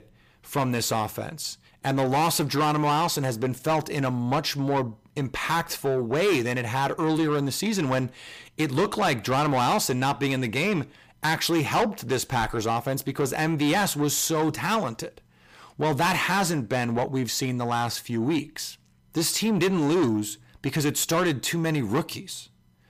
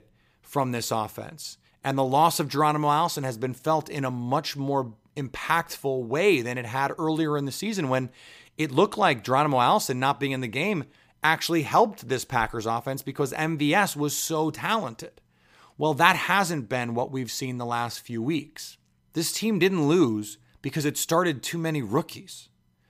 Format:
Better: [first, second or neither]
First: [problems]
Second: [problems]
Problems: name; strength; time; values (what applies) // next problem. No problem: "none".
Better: second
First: distortion; heavy; 7 dB below the speech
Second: none